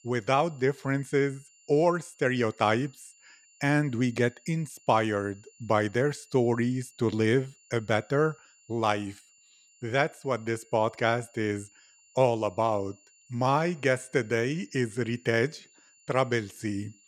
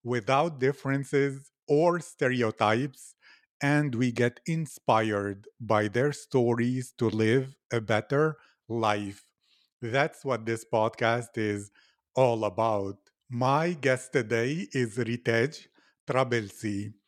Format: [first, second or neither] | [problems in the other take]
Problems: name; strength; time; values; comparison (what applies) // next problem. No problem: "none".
second | high-pitched whine; faint; throughout; 7 kHz, 30 dB below the speech